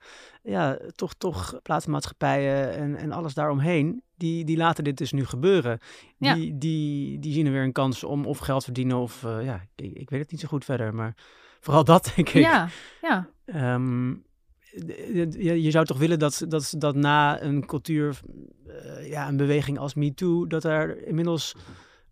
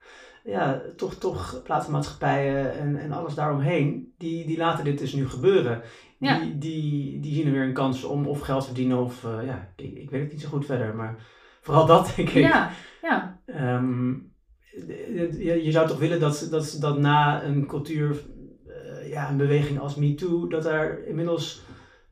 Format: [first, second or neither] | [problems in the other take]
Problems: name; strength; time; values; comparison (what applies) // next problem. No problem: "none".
first | room echo; slight; dies away in 0.3 s // off-mic speech; far